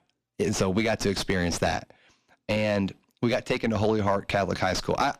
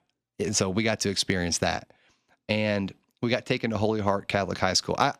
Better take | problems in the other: second | distortion; heavy; 4 dB below the speech

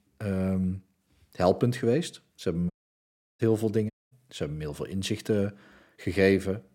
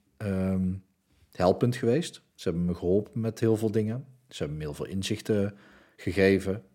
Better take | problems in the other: second | audio cutting out; at 2.5 s for 0.5 s and at 4 s

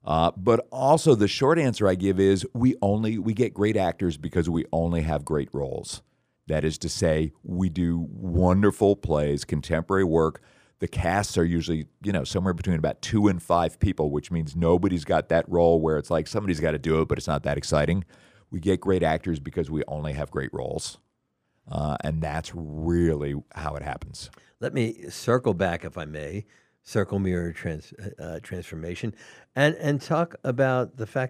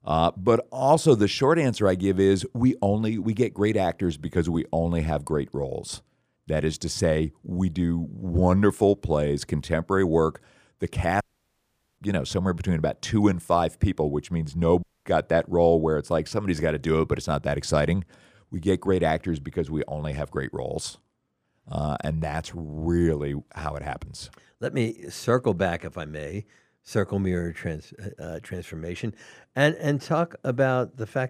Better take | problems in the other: first | audio cutting out; at 11 s for 1 s and at 15 s

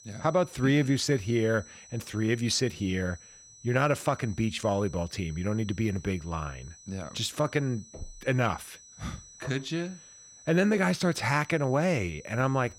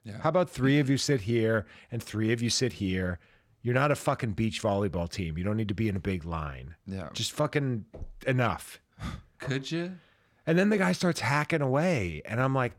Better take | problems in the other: second | high-pitched whine; faint; throughout; 6 kHz, 20 dB below the speech

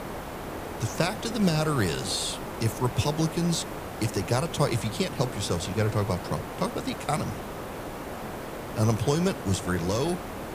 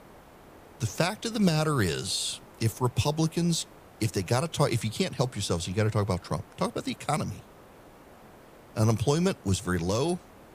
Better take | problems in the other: second | hiss; loud; throughout; 8 dB below the speech; faint in the second

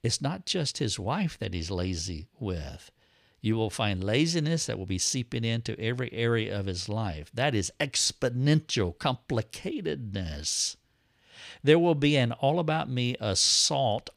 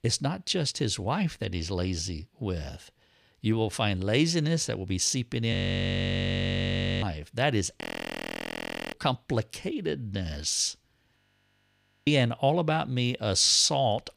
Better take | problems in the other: first | audio freezing; at 5.5 s for 1.5 s, at 8 s for 1 s and at 11 s for 1 s

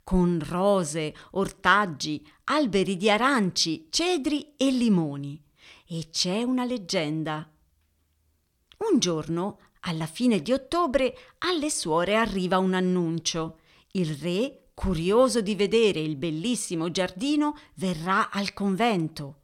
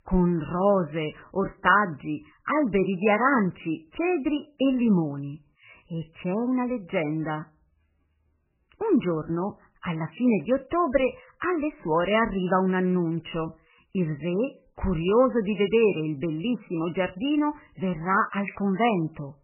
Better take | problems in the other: first | garbled, watery; badly; nothing above 3 kHz

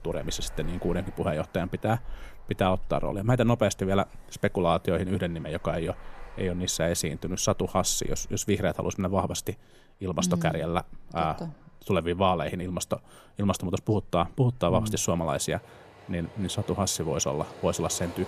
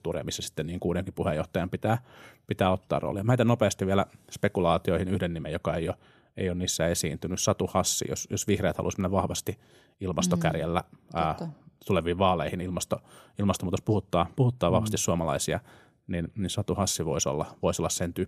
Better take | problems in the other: second | traffic noise; faint; throughout; 20 dB below the speech

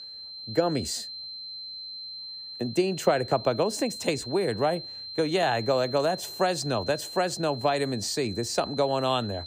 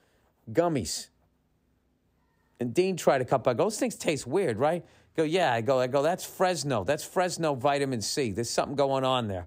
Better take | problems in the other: second | high-pitched whine; loud; throughout; 4 kHz, 10 dB below the speech

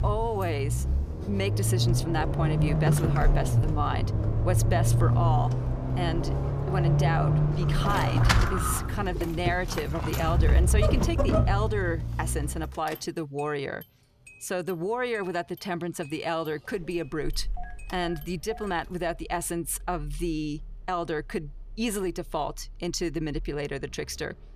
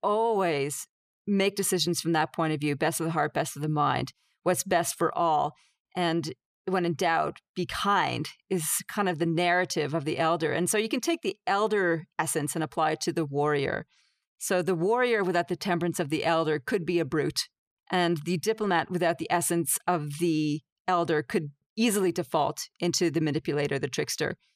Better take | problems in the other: second | traffic noise; very loud; throughout; 5 dB above the speech

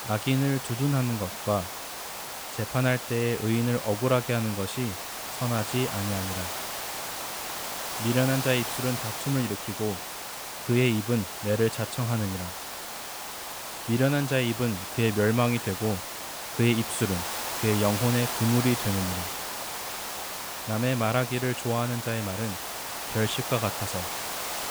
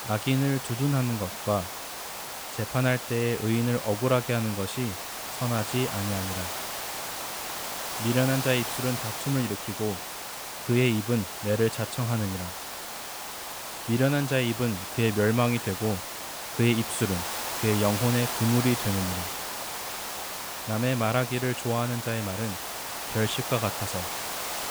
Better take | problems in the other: neither | hiss; loud; throughout; 5 dB below the speech; the same in both

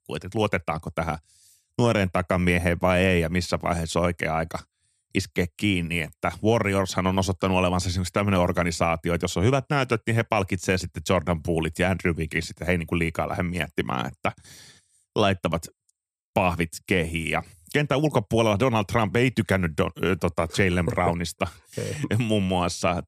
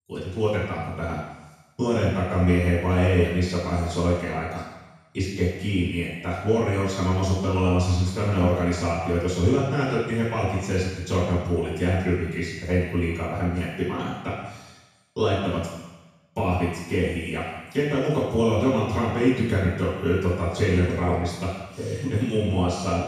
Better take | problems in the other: first | room echo; strong; dies away in 1 s // off-mic speech; far

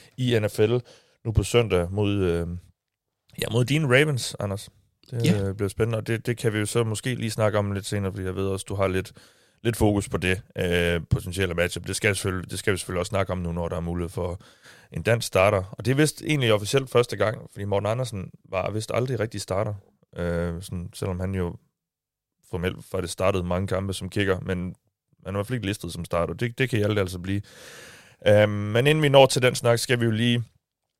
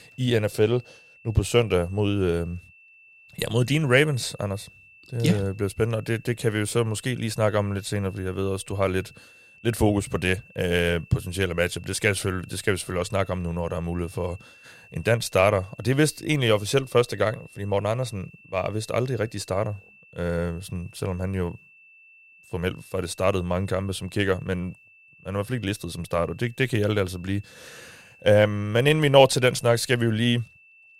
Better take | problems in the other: first | high-pitched whine; faint; throughout; 2.5 kHz, 25 dB below the speech

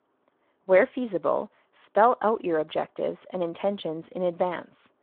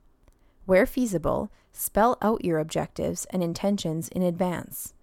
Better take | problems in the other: second | phone-call audio; nothing above 3.5 kHz

